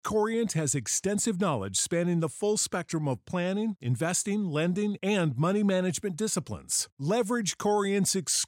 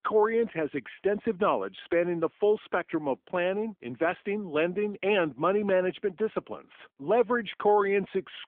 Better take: first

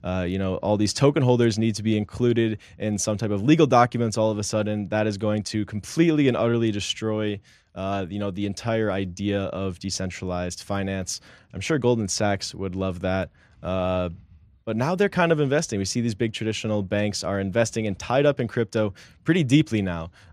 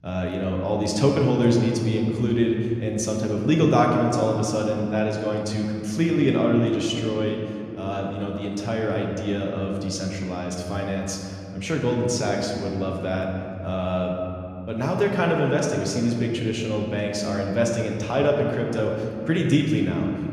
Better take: first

